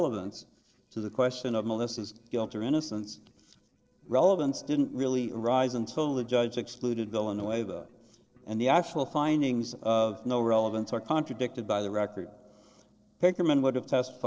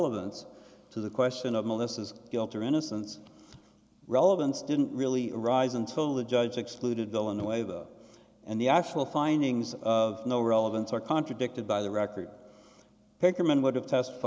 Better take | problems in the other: second | noise reduction (neural separator model SepFormer DNS4)

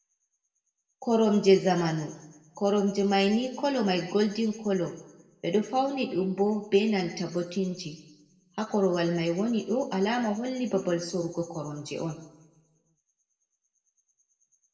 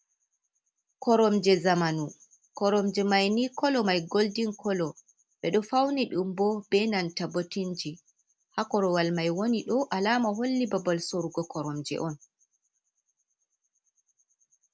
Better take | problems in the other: second | room echo; dies away in 0.8 s

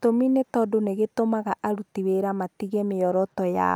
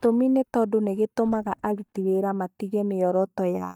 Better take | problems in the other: first | noise reduction (neural mask model DeepFilterNet 3)

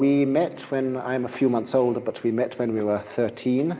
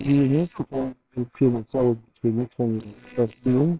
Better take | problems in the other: first | noise reduction (neural separator model SepFormer WHAMR!)

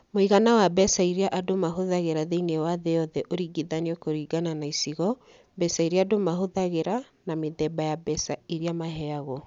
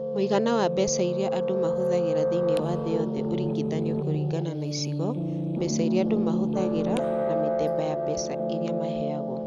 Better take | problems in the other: first | background sound (Piano); 3 dB above the speech

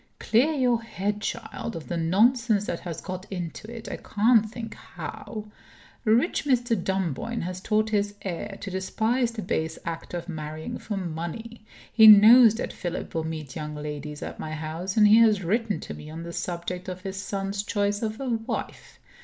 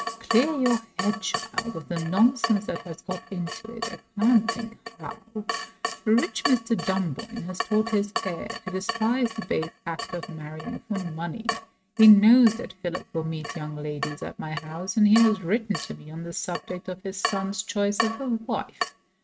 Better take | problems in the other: first | noise reduction (neural mask model RNNoise)

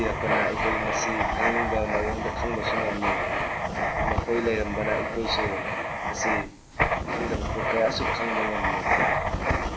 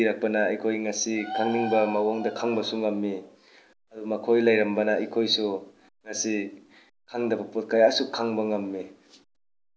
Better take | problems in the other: second | background sound (Writing); 5 dB above the speech

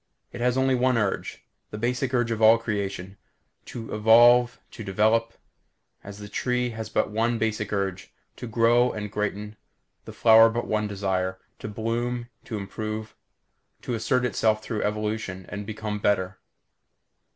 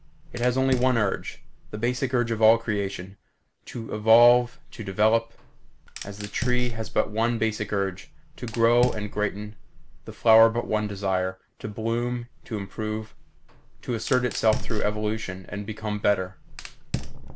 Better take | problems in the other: first | background sound (Fire); 6 dB below the speech

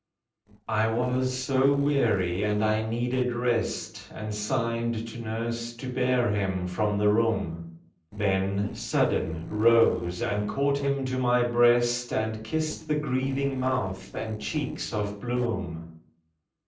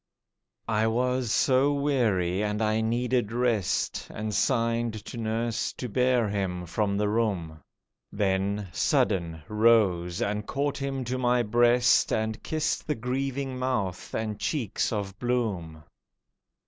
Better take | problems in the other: second | noise reduction (neural separator model SepFormer DNS4)

